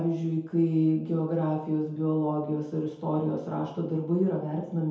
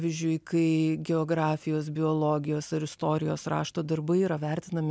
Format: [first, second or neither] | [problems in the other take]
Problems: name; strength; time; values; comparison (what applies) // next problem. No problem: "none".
second | room echo; dies away in 0.8 s